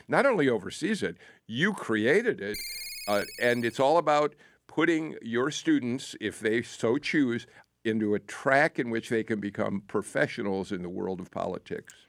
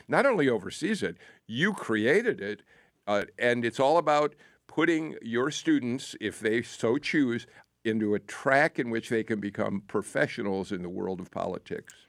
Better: second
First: phone ringing; noticeable; from 2.5 to 3.5 s; peak 7 dB below the speech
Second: none

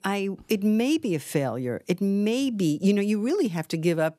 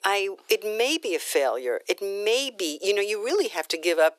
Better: first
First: none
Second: thin; very; fading below 400 Hz

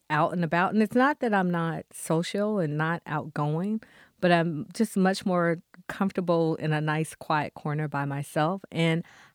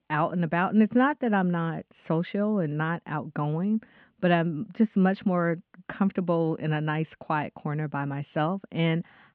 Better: first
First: none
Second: muffled; very; fading above 3 kHz

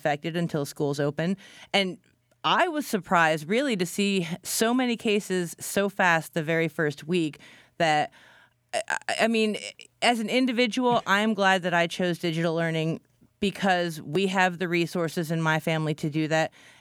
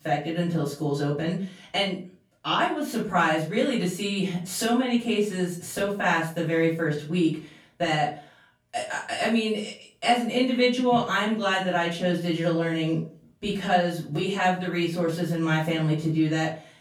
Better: first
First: none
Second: room echo; slight; dies away in 0.3 s // off-mic speech; far

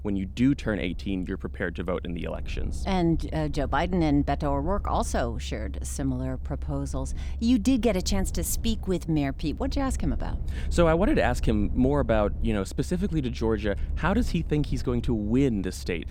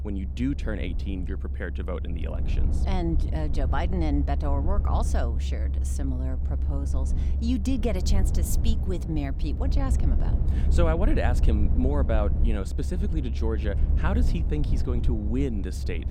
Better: first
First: low rumble; faint; throughout; 20 dB below the speech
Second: low rumble; loud; throughout; 9 dB below the speech

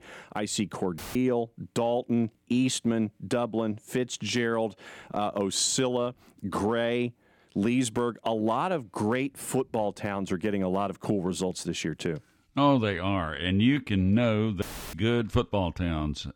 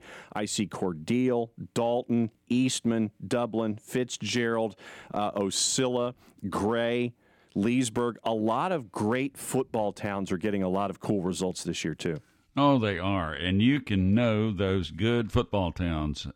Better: second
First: audio cutting out; filled with static; at 1 s and at 15 s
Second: none

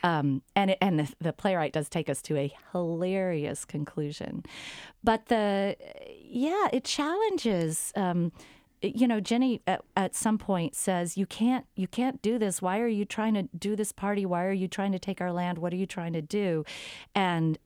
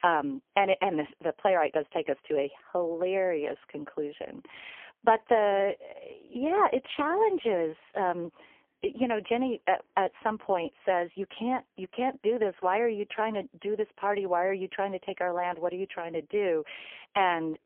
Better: first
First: none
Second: phone-call audio; poor line; nothing above 3.5 kHz

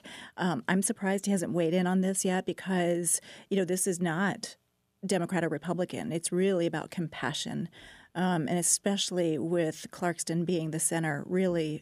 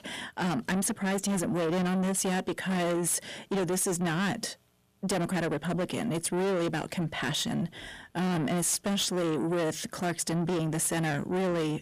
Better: first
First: none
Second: distortion; heavy; 7 dB below the speech

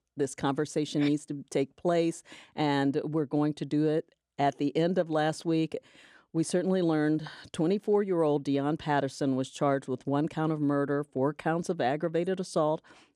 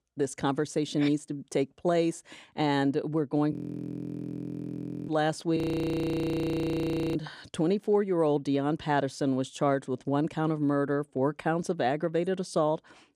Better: first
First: none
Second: audio freezing; at 3.5 s for 1.5 s and at 5.5 s for 1.5 s

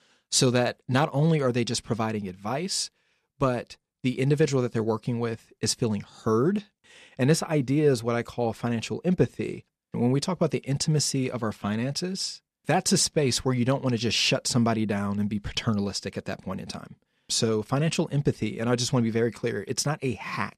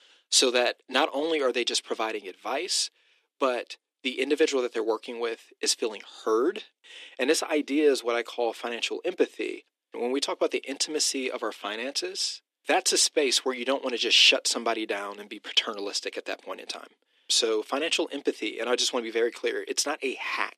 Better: first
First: none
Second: thin; somewhat; fading below 300 Hz

